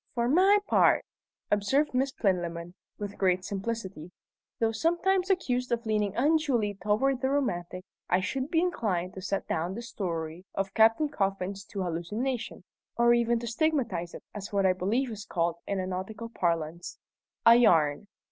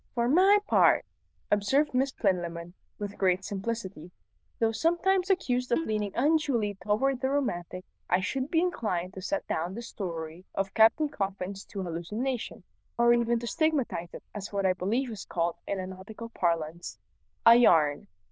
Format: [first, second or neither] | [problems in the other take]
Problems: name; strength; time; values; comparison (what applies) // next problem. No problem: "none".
first | noise reduction (neural diffusion model UNIVERSE++)